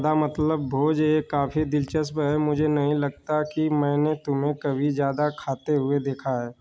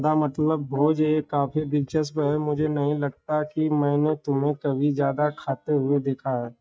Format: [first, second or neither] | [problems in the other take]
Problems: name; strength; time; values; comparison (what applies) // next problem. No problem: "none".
first | noise reduction (neural mask model DeepFilterNet 3)